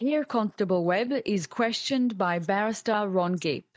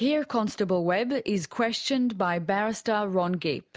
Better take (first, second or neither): second